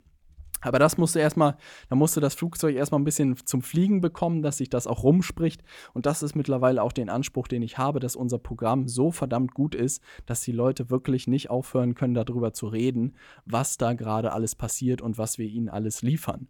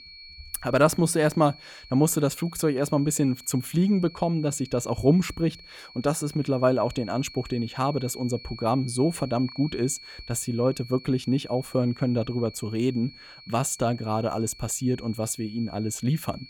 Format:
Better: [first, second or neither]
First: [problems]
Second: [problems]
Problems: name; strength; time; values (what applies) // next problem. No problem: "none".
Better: first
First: none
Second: high-pitched whine; noticeable; throughout; 4.5 kHz, 20 dB below the speech